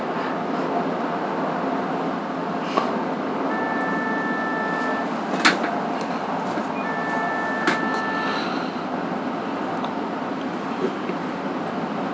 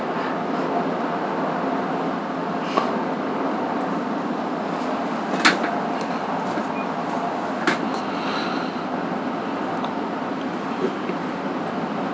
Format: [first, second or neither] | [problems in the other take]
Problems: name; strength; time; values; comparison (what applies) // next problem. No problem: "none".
second | background sound (Wind instrument, woodwind instrument); 6 dB below the speech